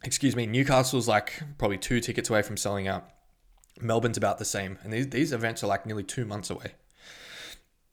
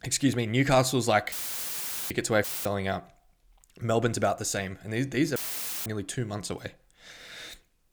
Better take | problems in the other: first | audio cutting out; filled with static; at 1.5 s for 1 s, at 2.5 s and at 5.5 s for 0.5 s

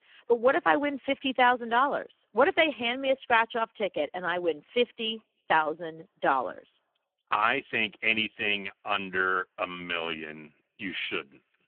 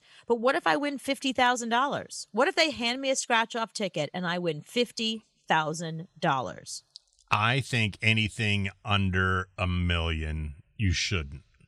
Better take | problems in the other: second | phone-call audio; poor line; nothing above 3 kHz

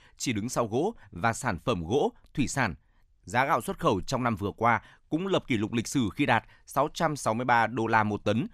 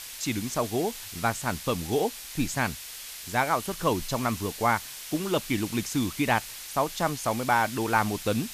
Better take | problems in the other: first | hiss; loud; throughout; 9 dB below the speech

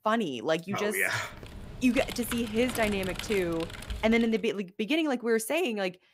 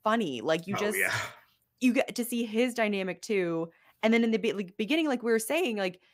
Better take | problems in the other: second | keyboard typing; noticeable; from 1.5 to 4.5 s; peak 8 dB below the speech

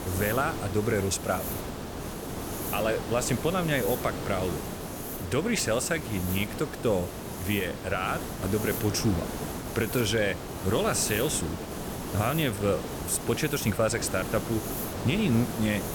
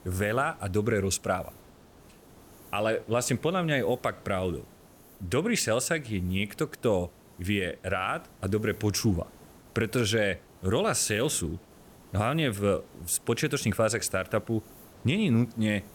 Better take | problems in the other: second | hiss; loud; throughout; 6 dB below the speech; faint in the second

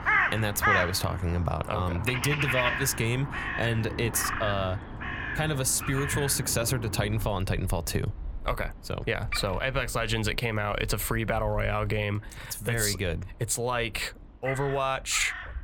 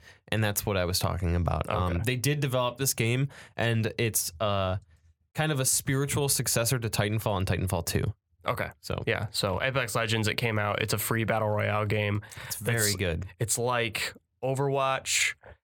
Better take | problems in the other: second | animal sounds; loud; throughout; 4 dB below the speech

